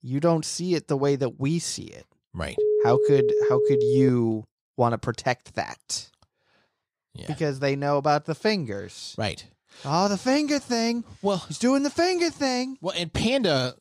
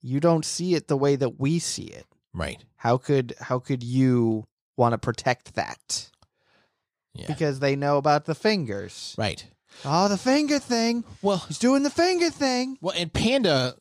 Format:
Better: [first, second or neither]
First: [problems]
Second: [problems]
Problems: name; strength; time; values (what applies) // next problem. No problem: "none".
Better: second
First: phone ringing; loud; from 2.5 to 4 s; peak 4 dB above the speech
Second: none